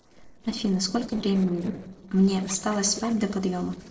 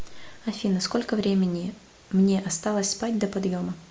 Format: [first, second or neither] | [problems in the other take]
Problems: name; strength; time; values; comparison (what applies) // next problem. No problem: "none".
second | noise reduction (neural separator model SepFormer DNS4)